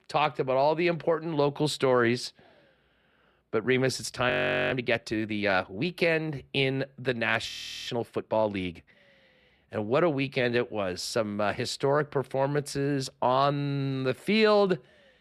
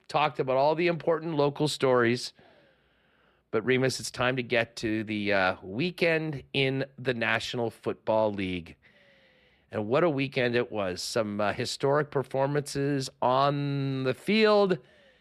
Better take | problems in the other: second | audio freezing; at 4.5 s and at 7.5 s

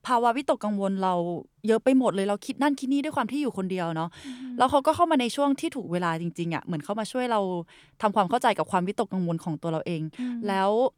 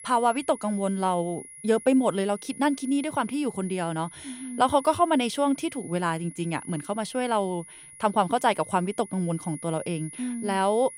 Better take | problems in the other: first | high-pitched whine; noticeable; throughout; 10.5 kHz, 15 dB below the speech

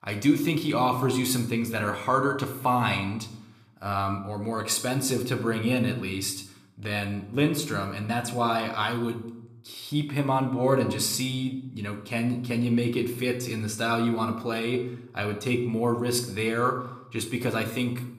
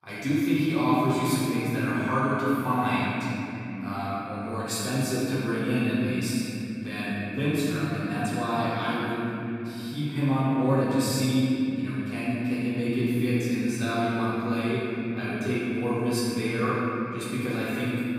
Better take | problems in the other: first | room echo; strong; dies away in 3 s; slight in the first // off-mic speech; far

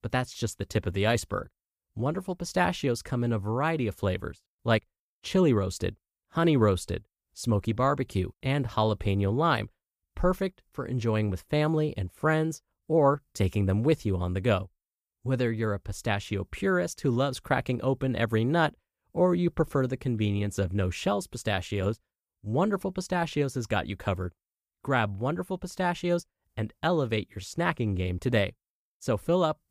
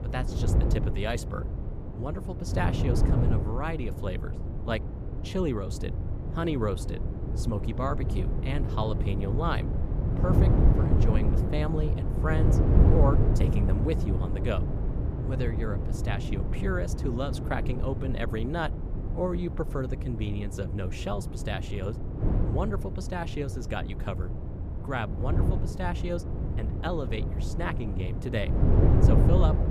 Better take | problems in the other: first | wind noise on the microphone; heavy; 4 dB below the speech

